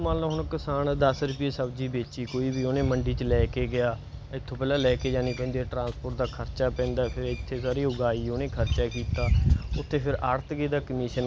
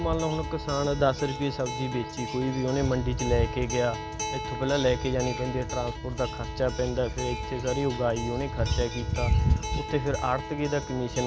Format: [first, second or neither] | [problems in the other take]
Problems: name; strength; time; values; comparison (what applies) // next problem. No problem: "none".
first | background sound (Acoustic guitar); 9 dB below the speech